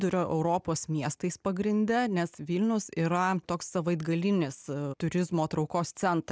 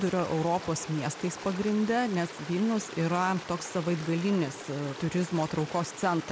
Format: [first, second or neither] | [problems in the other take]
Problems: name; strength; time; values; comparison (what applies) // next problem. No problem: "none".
first | background sound (Stream); 13 dB below the speech